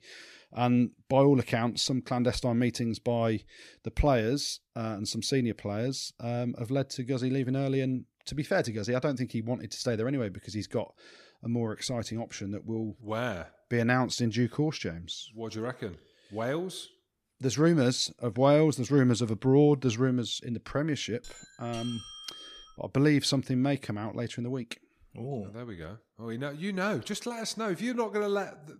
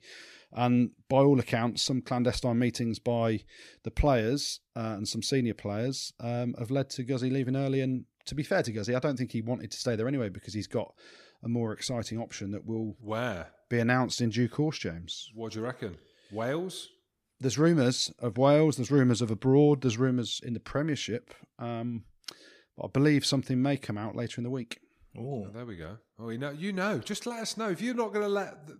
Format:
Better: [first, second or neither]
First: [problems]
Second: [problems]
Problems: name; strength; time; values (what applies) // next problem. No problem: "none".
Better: second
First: doorbell; faint; from 21 to 23 s; peak 10 dB below the speech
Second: none